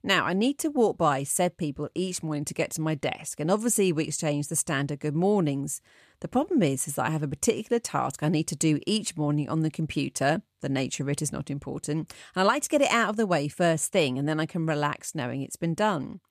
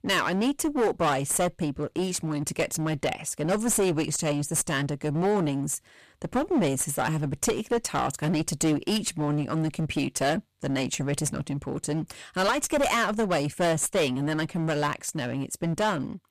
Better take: first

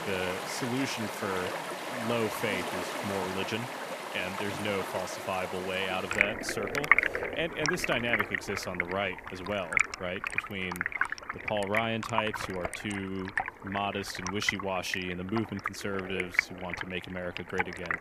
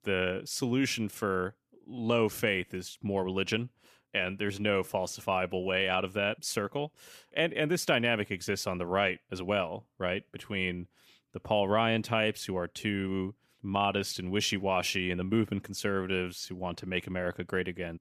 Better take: second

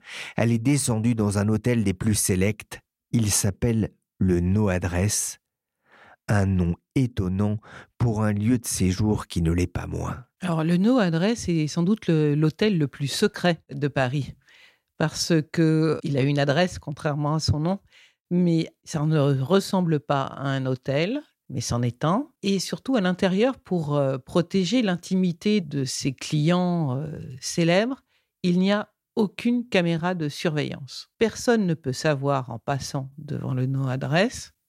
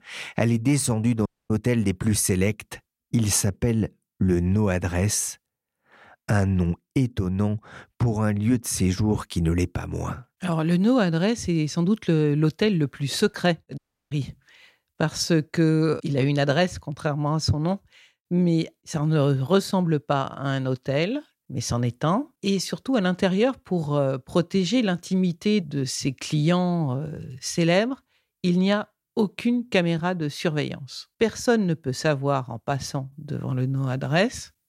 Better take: first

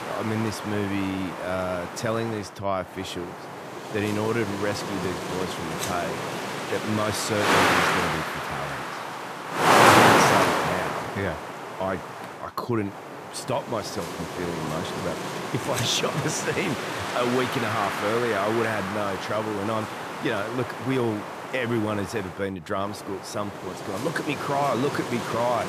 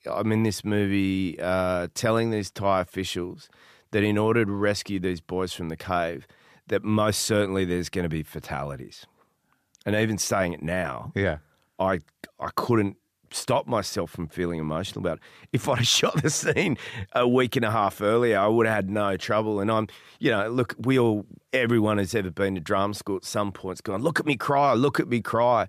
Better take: second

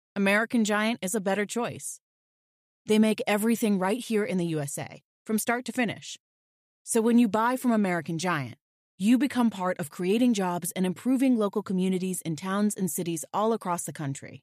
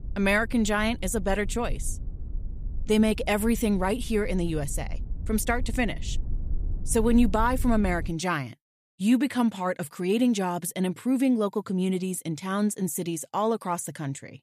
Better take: first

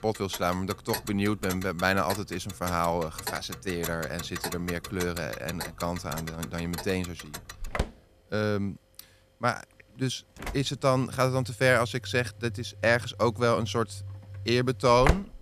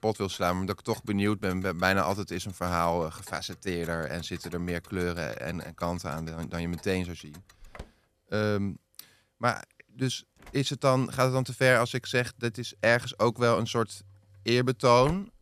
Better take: second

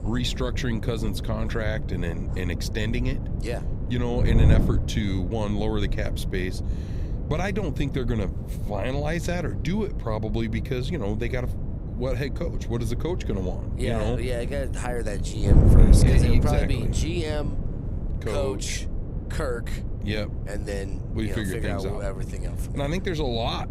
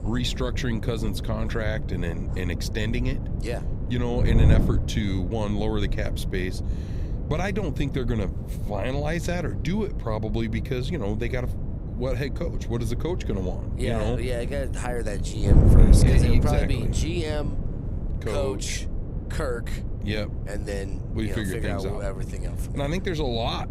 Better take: neither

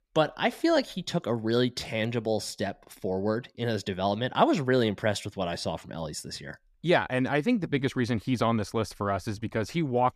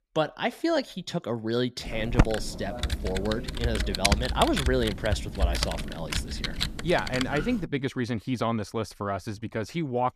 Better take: first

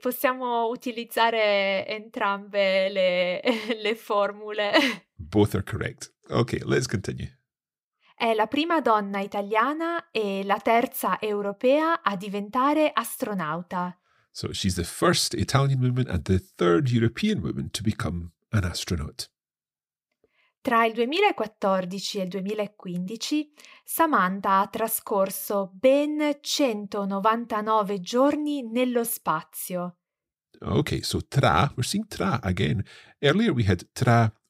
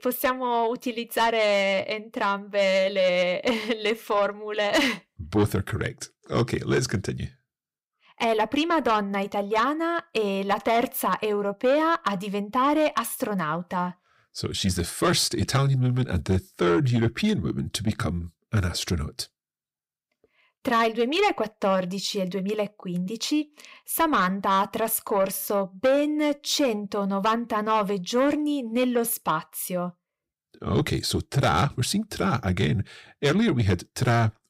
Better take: first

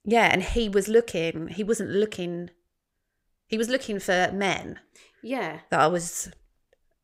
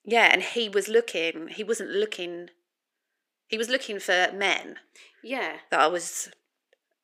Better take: first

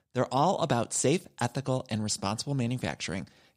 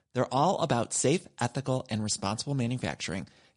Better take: first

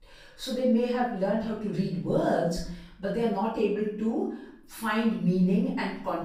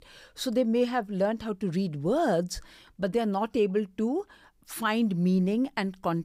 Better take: second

